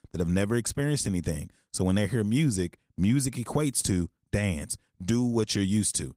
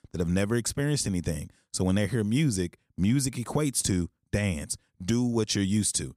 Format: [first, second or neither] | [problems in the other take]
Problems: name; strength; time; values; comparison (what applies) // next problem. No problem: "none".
second | garbled, watery; slightly; nothing above 15.5 kHz